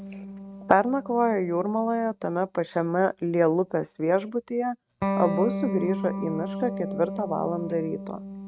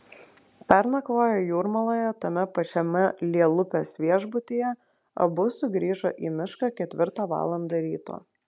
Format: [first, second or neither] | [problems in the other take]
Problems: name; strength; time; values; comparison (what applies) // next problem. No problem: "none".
second | noise reduction (neural mask model RNNoise)